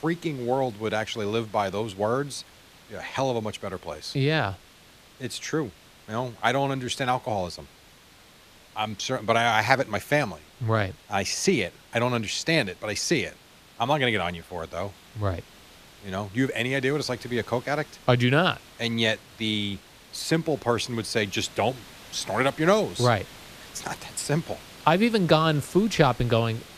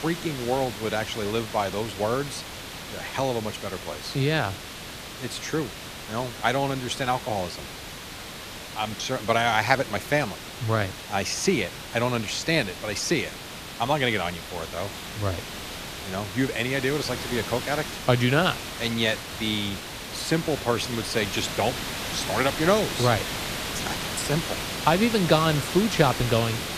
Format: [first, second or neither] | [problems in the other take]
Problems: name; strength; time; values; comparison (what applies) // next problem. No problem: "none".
first | hiss; loud; throughout; 7 dB below the speech; faint in the first